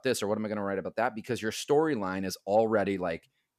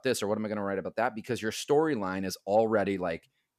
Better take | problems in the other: neither | none

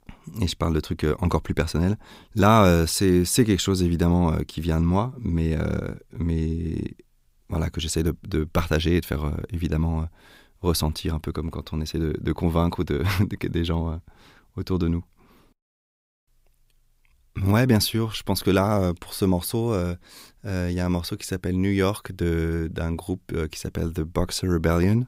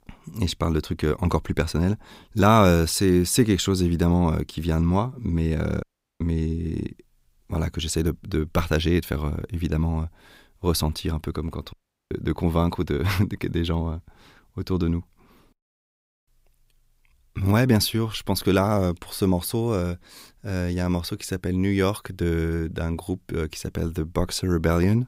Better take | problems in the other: first | audio cutting out; at 6 s and at 12 s

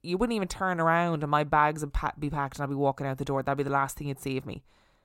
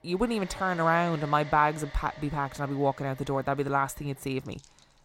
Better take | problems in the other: first | household noises; noticeable; throughout; 20 dB below the speech

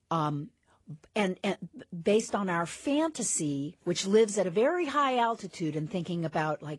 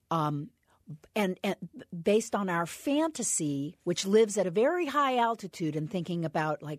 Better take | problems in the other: second | garbled, watery; slightly

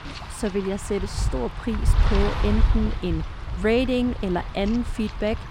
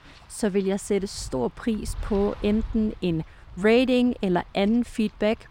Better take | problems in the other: second | wind noise on the microphone; heavy; 7 dB below the speech; occasional gusts in the second

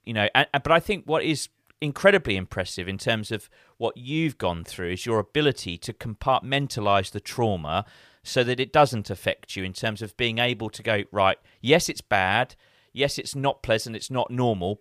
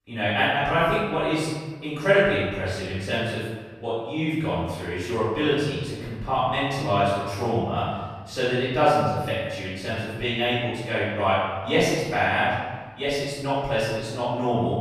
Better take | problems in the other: first | off-mic speech; far // room echo; strong; dies away in 1.3 s

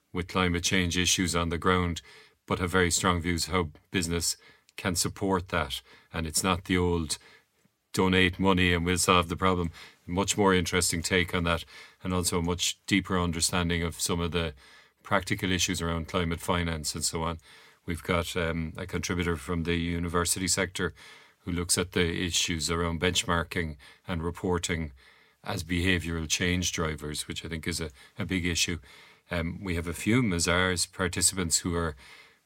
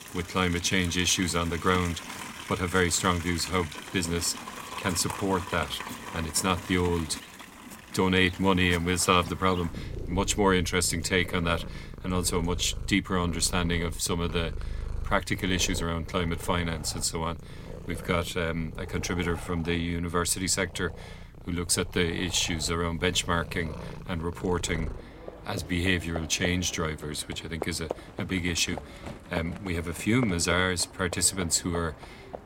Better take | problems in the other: first | animal sounds; noticeable; throughout; 15 dB below the speech

